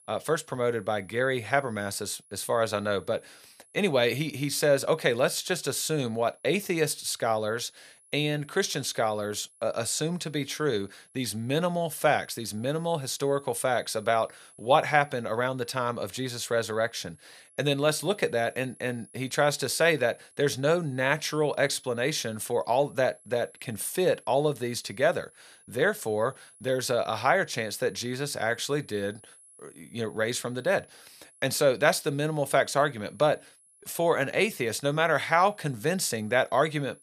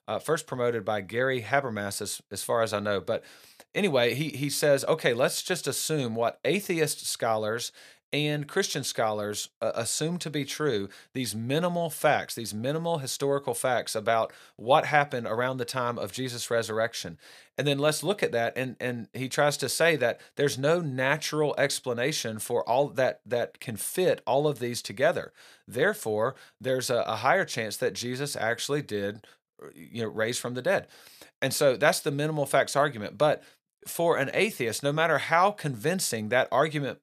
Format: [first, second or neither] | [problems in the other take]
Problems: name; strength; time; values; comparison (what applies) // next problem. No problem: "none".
second | high-pitched whine; faint; throughout; 11 kHz, 25 dB below the speech